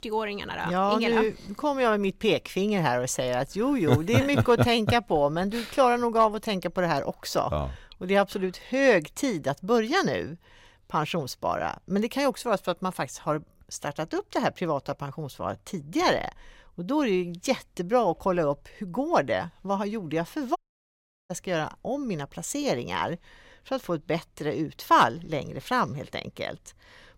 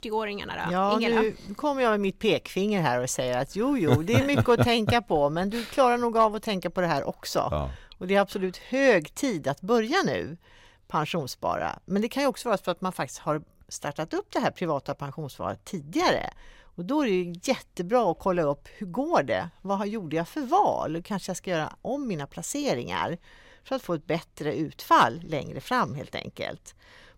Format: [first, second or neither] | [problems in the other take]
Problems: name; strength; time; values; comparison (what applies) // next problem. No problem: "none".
second | audio cutting out; at 21 s for 0.5 s